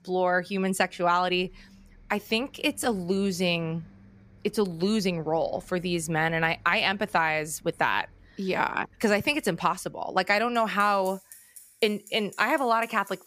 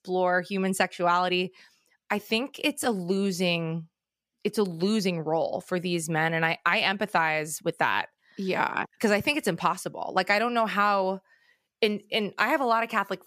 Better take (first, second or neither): second